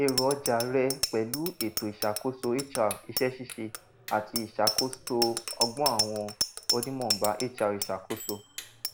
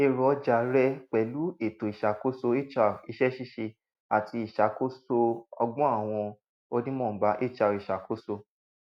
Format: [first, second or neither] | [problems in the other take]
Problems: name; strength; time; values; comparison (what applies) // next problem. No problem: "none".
second | background sound (Bicycle bell); 4 dB below the speech